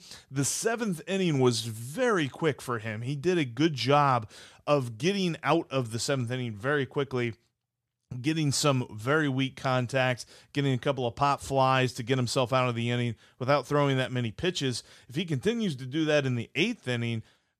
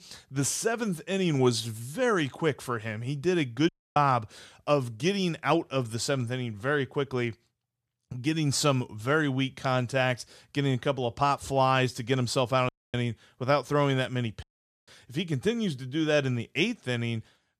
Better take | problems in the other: first | audio cutting out; at 3.5 s, at 13 s and at 14 s

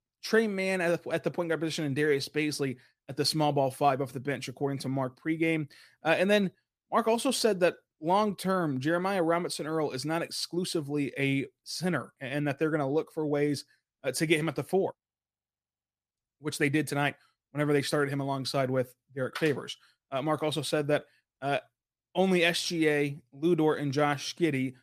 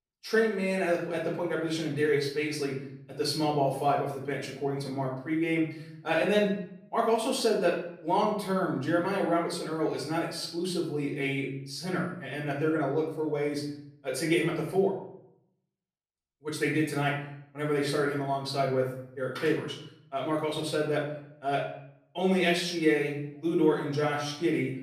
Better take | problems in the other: first | off-mic speech; far // room echo; noticeable; dies away in 0.6 s

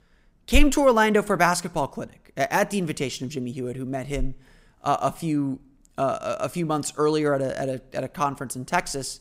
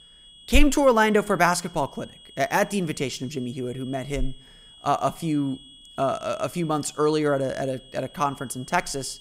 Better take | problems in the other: first | high-pitched whine; faint; throughout; 3.5 kHz, 20 dB below the speech

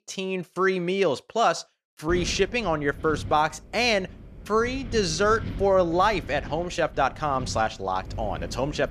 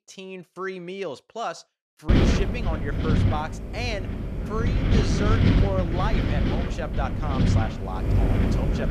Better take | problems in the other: first | wind noise on the microphone; heavy; from 2 s on; 1 dB above the speech; occasional gusts in the first

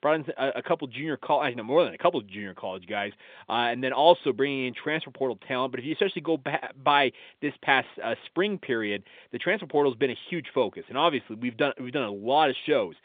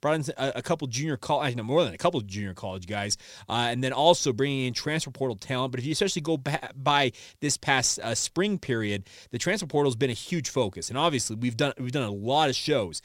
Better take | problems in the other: second | phone-call audio

